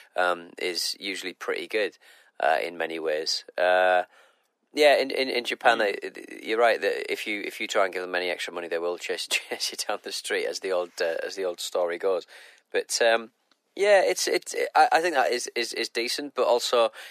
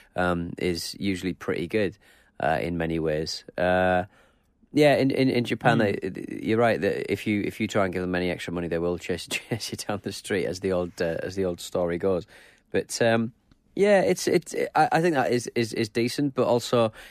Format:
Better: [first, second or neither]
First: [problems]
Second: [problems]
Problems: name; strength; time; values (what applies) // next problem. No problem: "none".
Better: second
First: thin; very; fading below 450 Hz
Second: none